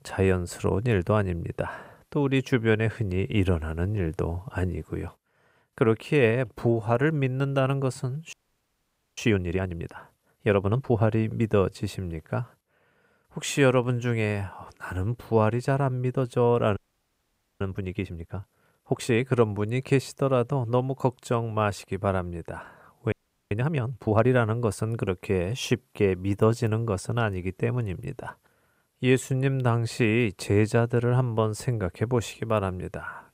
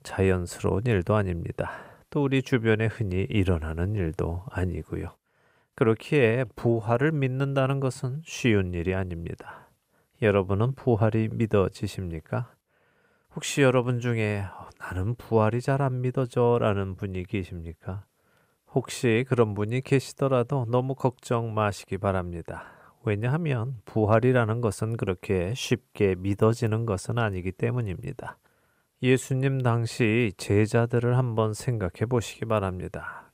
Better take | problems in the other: second | audio freezing; at 8.5 s for 1 s, at 17 s for 1 s and at 23 s

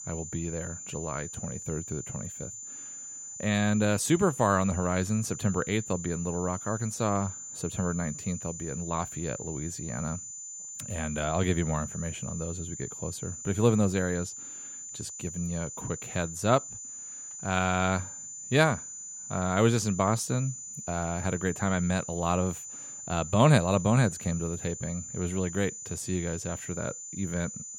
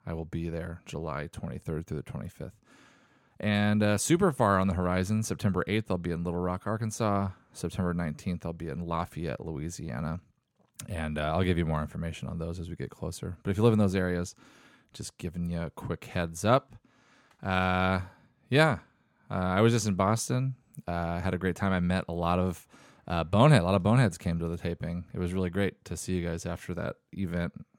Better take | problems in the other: second | high-pitched whine; loud; throughout; 7 kHz, 9 dB below the speech

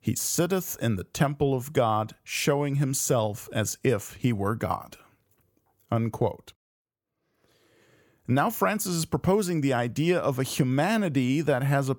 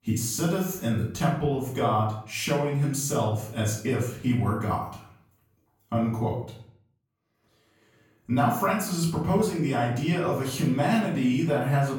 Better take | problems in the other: first | off-mic speech; far // room echo; noticeable; dies away in 0.5 s

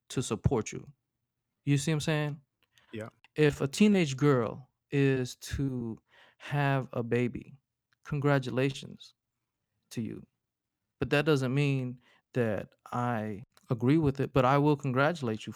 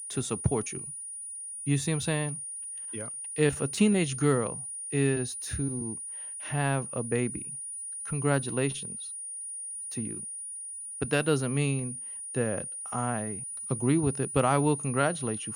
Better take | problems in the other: first | high-pitched whine; loud; throughout; 9.5 kHz, 6 dB below the speech

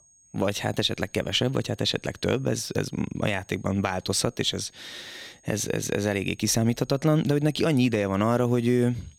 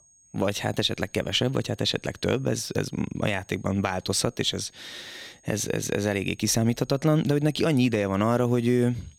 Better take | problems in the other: neither | high-pitched whine; faint; throughout; 6.5 kHz, 30 dB below the speech; the same in both

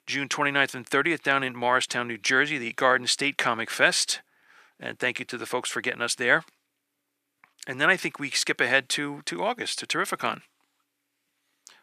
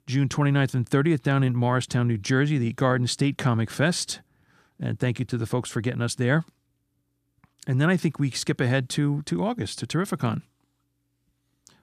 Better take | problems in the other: second | thin; very; fading below 500 Hz

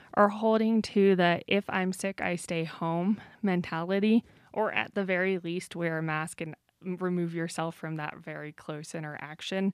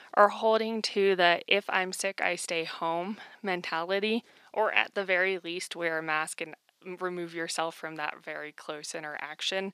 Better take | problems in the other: first | thin; somewhat; fading below 450 Hz

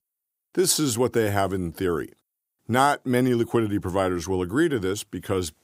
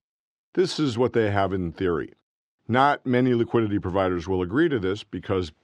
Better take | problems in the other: first | muffled; slightly; fading above 4 kHz

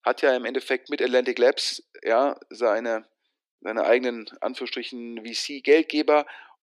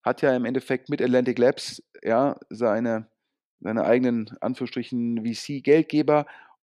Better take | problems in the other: second | thin; somewhat; fading below 300 Hz

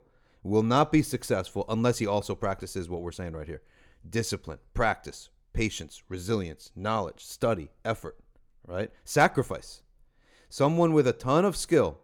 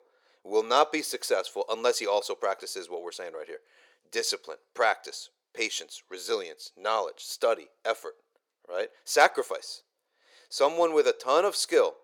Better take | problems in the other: first | thin; very; fading below 450 Hz

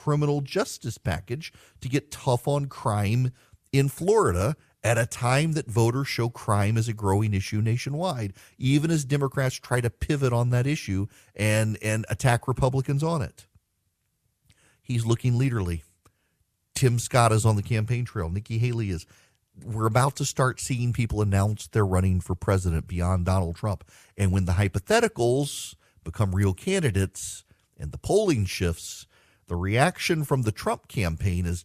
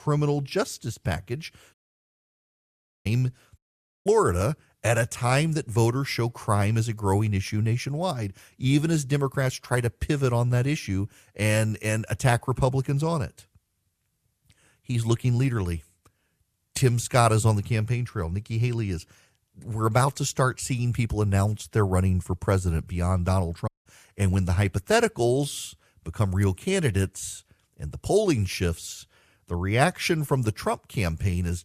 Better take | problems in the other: first | audio cutting out; at 1.5 s for 1.5 s, at 3.5 s and at 24 s

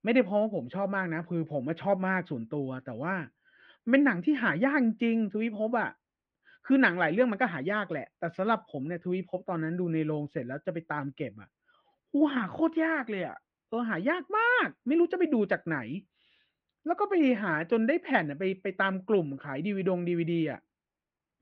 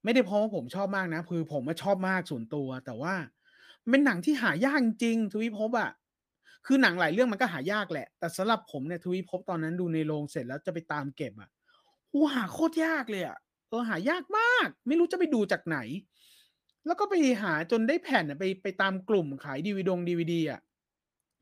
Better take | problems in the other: second | muffled; very; fading above 2.5 kHz

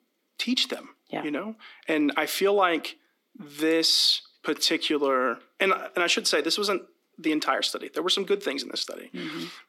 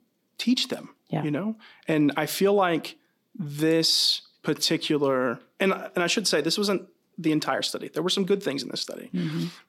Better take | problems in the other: second | thin; very slightly; fading below 250 Hz

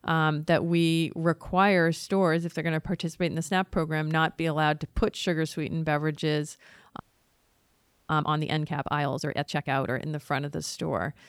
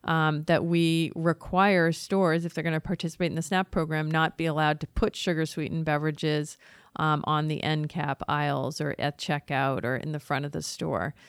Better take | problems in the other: second | audio freezing; at 7 s for 1 s

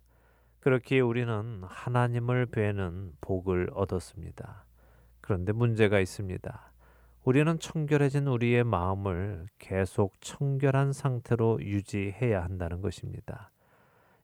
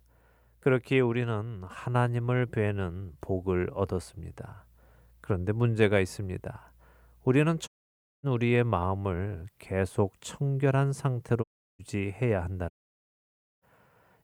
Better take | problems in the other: first | audio cutting out; at 7.5 s for 0.5 s, at 11 s and at 13 s for 1 s

